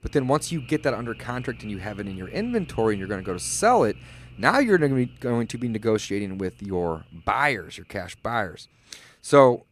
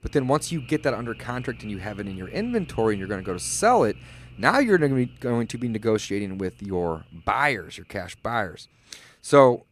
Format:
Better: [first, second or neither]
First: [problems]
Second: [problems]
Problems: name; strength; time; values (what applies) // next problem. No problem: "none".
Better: neither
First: animal sounds; faint; throughout; 20 dB below the speech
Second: animal sounds; faint; throughout; 20 dB below the speech